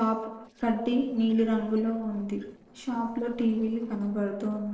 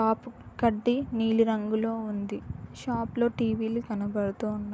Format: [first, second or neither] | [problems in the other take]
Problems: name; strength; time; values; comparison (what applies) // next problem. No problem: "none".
second | noise reduction (neural separator model SepFormer DNS4)